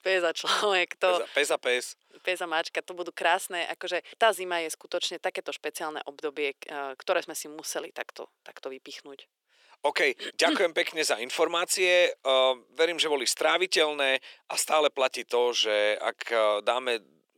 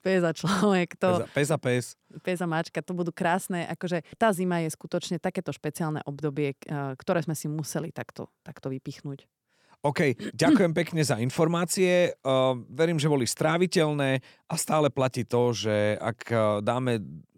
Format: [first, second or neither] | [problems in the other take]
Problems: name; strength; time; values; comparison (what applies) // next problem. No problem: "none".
second | thin; very; fading below 400 Hz